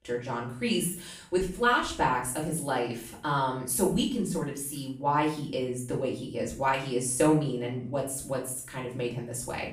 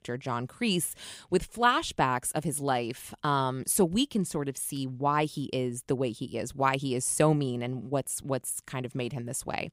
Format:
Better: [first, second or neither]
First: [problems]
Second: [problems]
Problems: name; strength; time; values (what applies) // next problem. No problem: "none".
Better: second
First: room echo; slight; dies away in 0.4 s // off-mic speech; far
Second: none